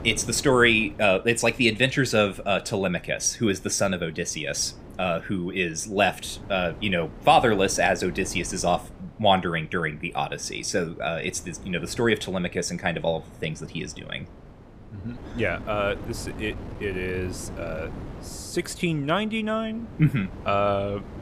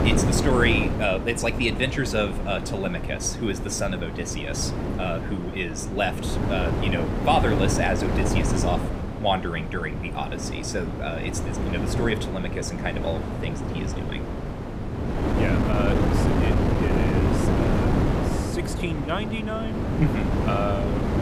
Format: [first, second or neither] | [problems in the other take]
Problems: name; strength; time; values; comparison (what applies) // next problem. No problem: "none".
first | wind noise on the microphone; heavy; 3 dB below the speech; occasional gusts in the first